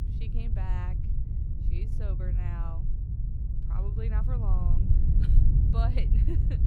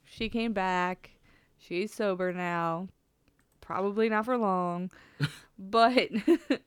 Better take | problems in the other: second | low rumble; loud; throughout; 1 dB below the speech

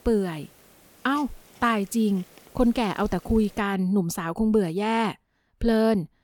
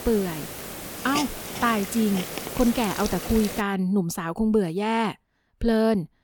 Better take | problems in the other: first | hiss; loud; until 3.5 s; 7 dB below the speech; faint in the first

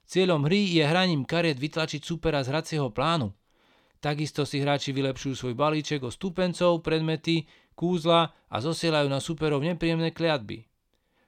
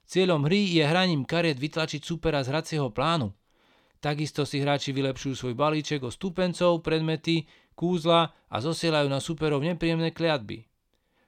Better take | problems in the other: neither | none

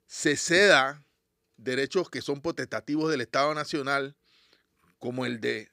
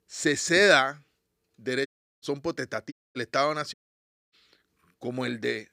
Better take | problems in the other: first | audio cutting out; at 2 s, at 3 s and at 3.5 s for 0.5 s

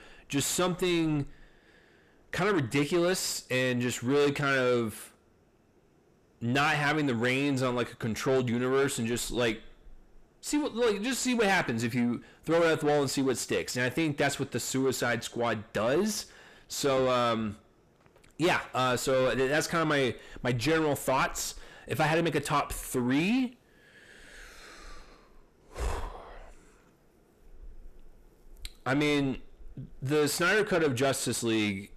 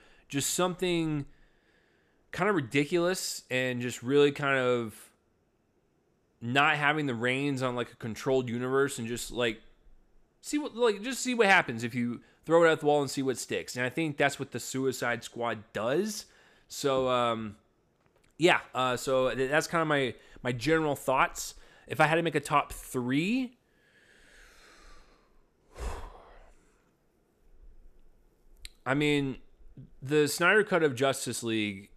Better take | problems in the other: second | distortion; heavy; 7 dB below the speech

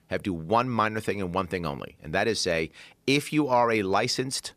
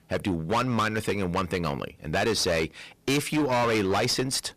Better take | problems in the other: first | distortion; heavy; 19% of the sound clipped

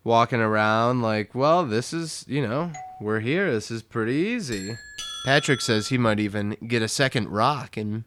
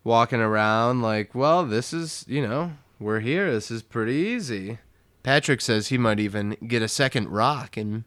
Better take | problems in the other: second | doorbell; faint; at 2.5 s; peak 15 dB below the speech // doorbell; noticeable; from 4.5 to 6 s; peak 8 dB below the speech

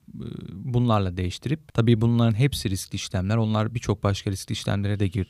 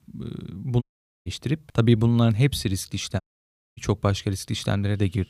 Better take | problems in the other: first | audio cutting out; at 1 s and at 3 s for 0.5 s

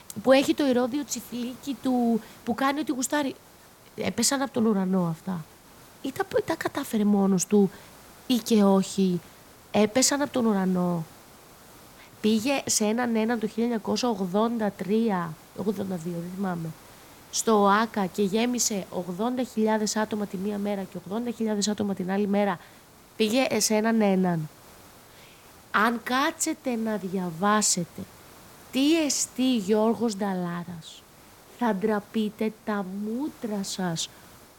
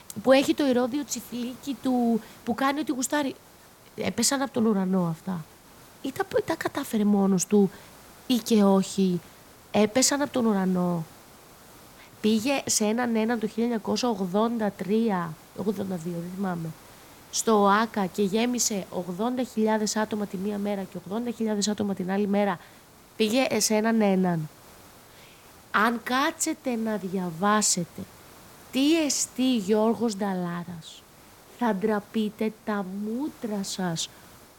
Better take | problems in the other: neither | hiss; faint; throughout; 25 dB below the speech; the same in both

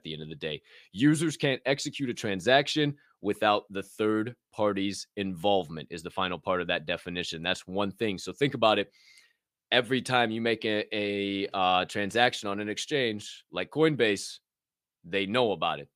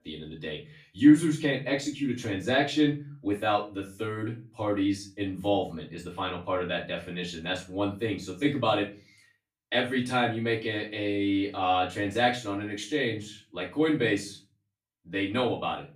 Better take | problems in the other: first | off-mic speech; far // room echo; slight; dies away in 0.3 s

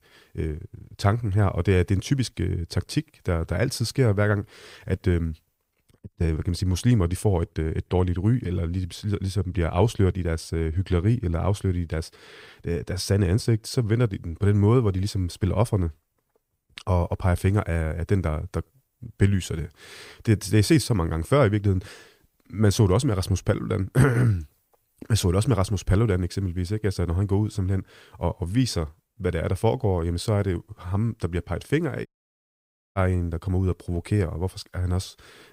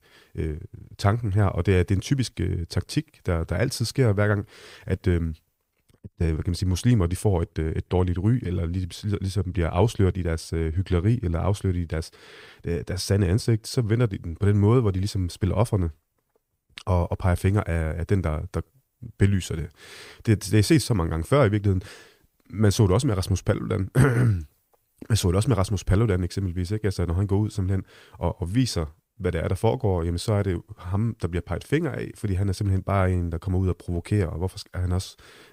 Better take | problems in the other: second | audio cutting out; at 32 s for 1 s

